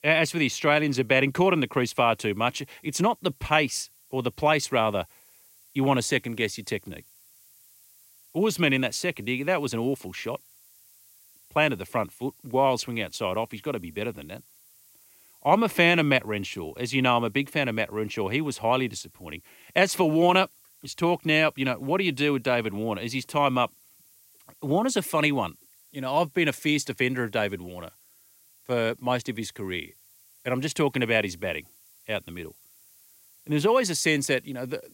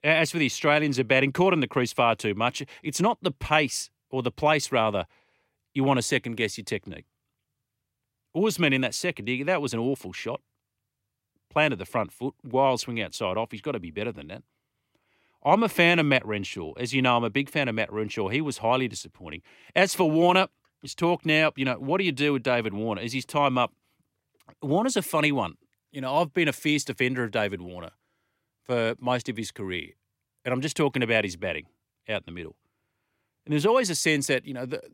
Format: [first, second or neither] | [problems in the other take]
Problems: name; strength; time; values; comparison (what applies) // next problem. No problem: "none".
second | hiss; faint; throughout; 30 dB below the speech